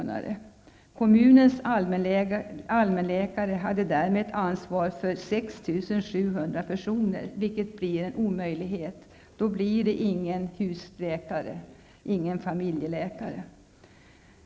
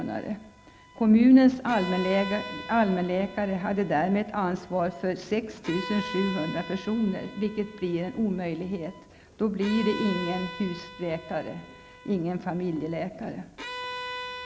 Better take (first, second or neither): first